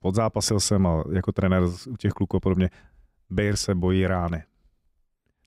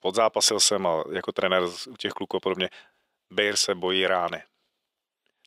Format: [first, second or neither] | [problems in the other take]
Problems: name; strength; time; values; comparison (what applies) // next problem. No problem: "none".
first | thin; very; fading below 550 Hz